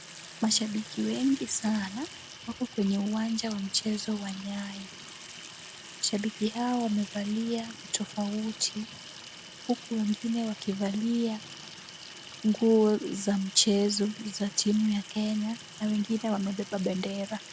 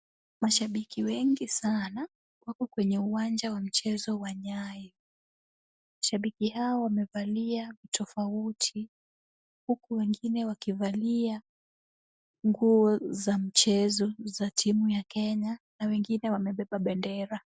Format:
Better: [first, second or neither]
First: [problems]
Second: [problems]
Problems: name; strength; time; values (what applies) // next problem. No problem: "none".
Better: second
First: background sound (Sink (filling or washing) / Water tap, faucet); 15 dB below the speech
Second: none